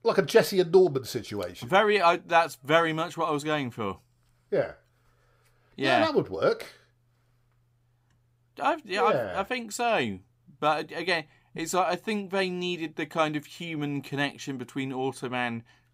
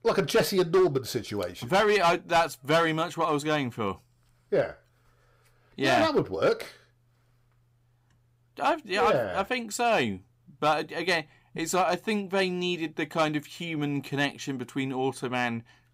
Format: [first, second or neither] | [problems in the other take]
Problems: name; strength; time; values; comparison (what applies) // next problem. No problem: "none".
first | distortion; slight; 3% of the sound clipped